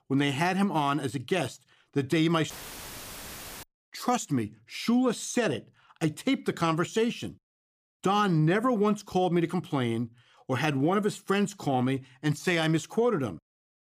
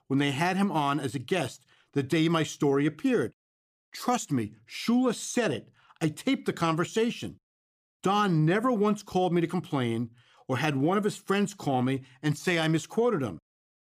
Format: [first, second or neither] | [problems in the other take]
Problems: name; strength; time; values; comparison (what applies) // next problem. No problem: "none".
second | audio cutting out; filled with static; at 2.5 s for 1 s